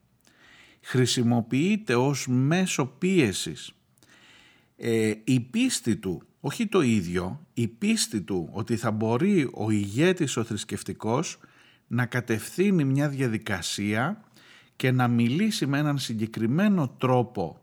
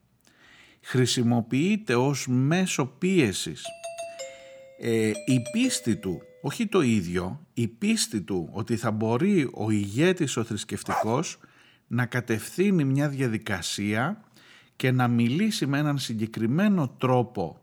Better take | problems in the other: first | doorbell; faint; from 3.5 to 6.5 s; peak 10 dB below the speech // dog barking; noticeable; at 11 s; peak 4 dB below the speech

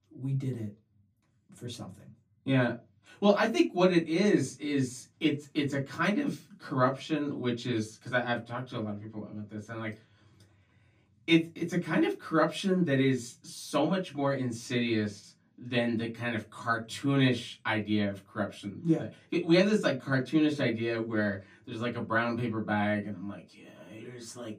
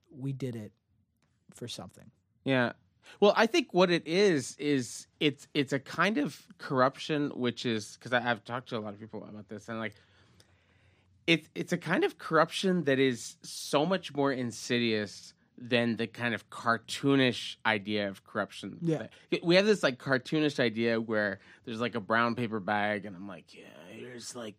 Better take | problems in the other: second | off-mic speech; far // room echo; very slight; dies away in 0.2 s

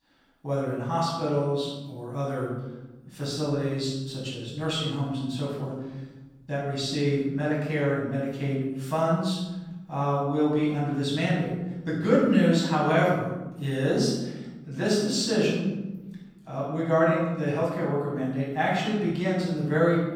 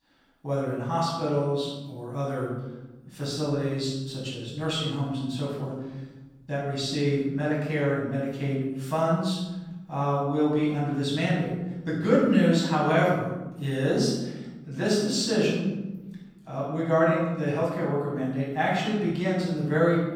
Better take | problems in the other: neither | off-mic speech; far; the same in both // room echo; strong; dies away in 1.3 s; the same in both

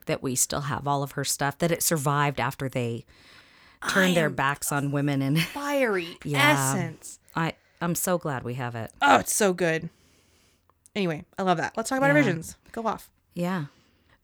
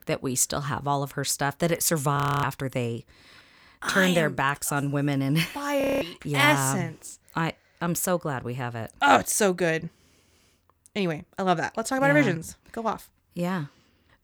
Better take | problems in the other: first | audio freezing; at 2 s and at 6 s

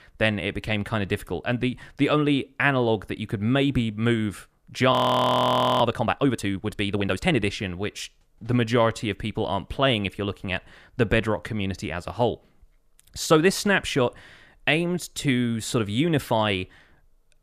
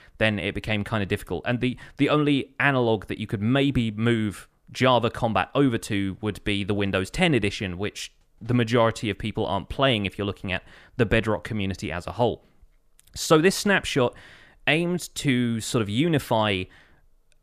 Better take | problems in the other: second | audio freezing; at 5 s for 1 s

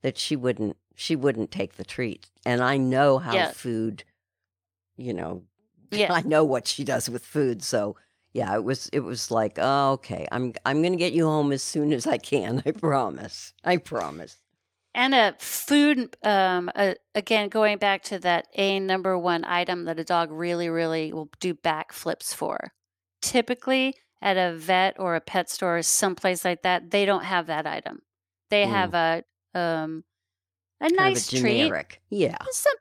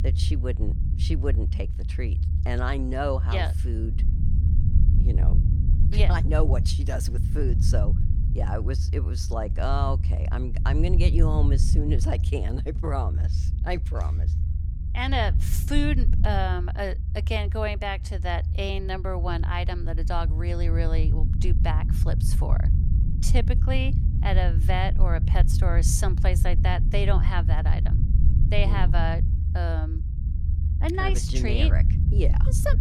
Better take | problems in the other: first | low rumble; loud; throughout; 9 dB below the speech

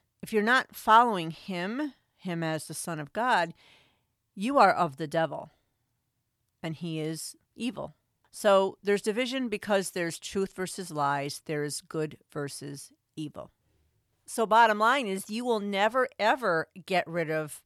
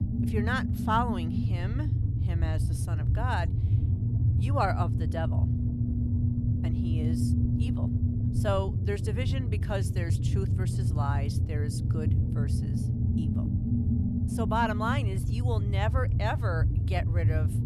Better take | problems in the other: first | low rumble; loud; throughout; 6 dB below the speech

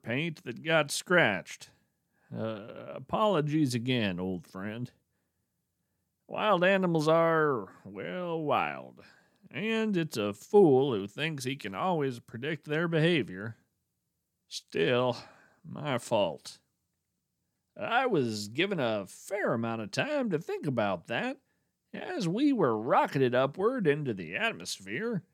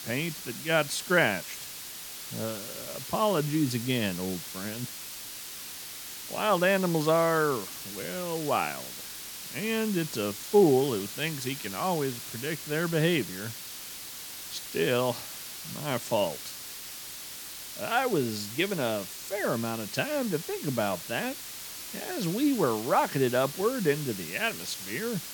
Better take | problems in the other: first | hiss; loud; throughout; 9 dB below the speech

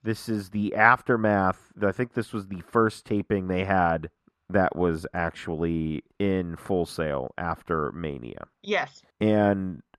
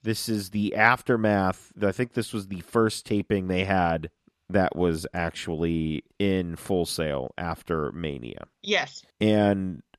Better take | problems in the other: second | muffled; slightly; fading above 2 kHz

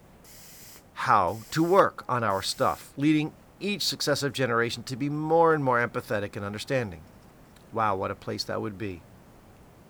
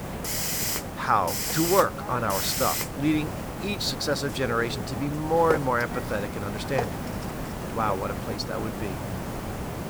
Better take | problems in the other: first | hiss; loud; throughout; 3 dB below the speech; faint in the first

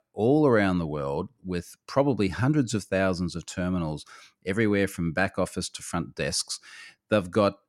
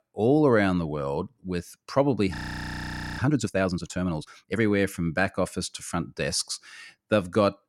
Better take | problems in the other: first | audio freezing; at 2.5 s for 1 s

